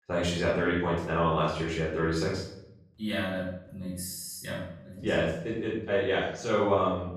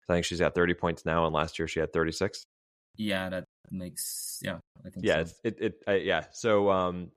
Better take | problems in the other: second | off-mic speech; far // room echo; noticeable; dies away in 0.7 s

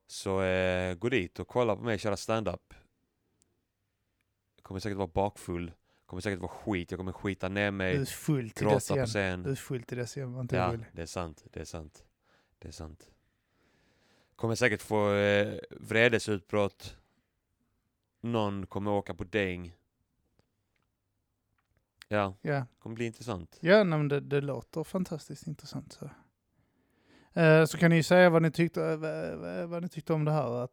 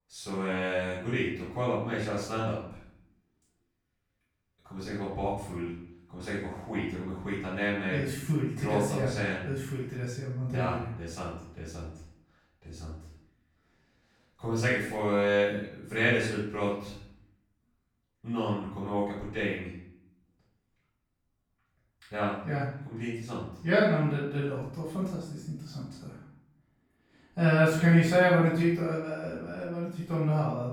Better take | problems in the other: first | off-mic speech; far // room echo; noticeable; dies away in 0.6 s

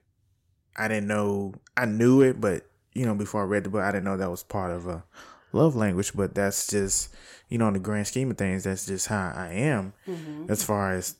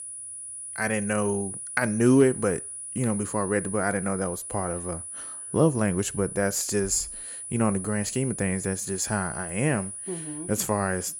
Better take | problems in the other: first | high-pitched whine; loud; throughout; 10 kHz, 8 dB below the speech

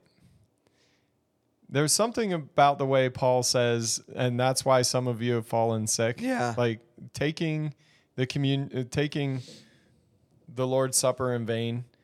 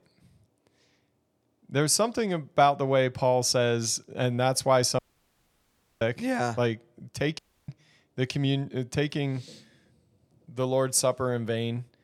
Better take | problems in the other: first | audio cutting out; at 5 s for 1 s and at 7.5 s

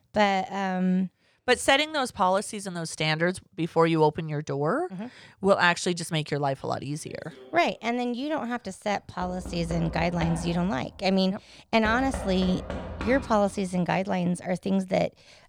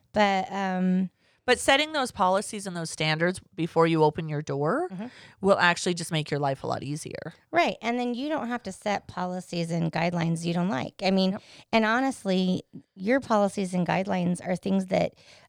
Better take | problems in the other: second | door banging; noticeable; from 7.5 to 14 s; peak 8 dB below the speech

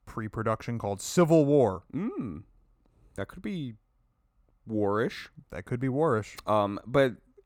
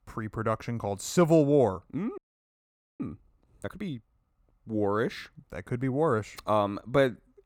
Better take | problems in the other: first | audio freezing; at 2 s for 1 s

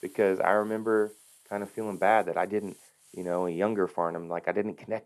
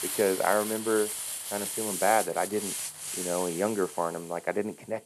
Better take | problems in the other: first | hiss; loud; throughout; 4 dB below the speech; faint in the first

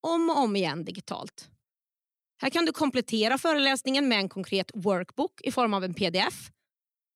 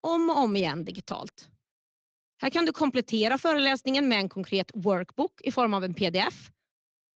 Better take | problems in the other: first | garbled, watery; slightly

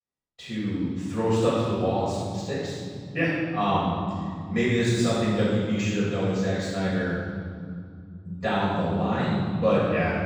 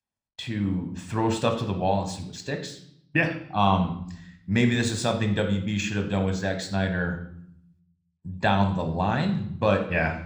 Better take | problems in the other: second | room echo; strong; dies away in 2.5 s; slight in the second // off-mic speech; far

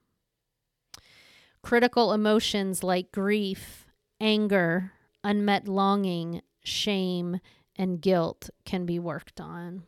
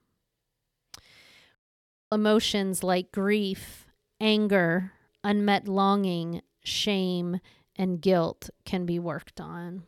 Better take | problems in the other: first | audio cutting out; at 1.5 s for 0.5 s

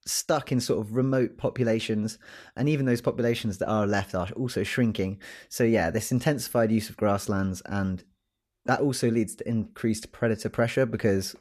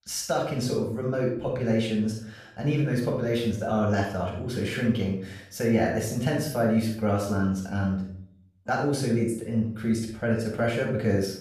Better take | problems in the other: first | room echo; noticeable; dies away in 0.5 s // off-mic speech; far

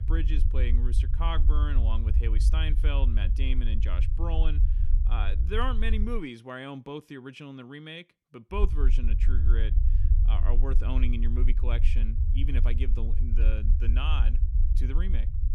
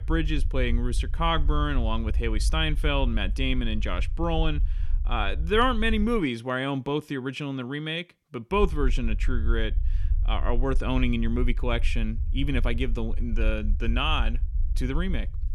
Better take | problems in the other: second | low rumble; loud; until 6 s and from 8.5 s on; 9 dB below the speech; faint in the second

